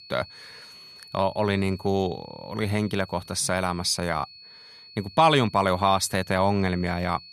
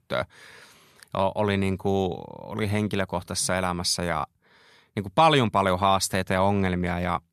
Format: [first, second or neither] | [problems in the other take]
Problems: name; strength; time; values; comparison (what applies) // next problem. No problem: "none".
second | high-pitched whine; faint; throughout; 4.5 kHz, 20 dB below the speech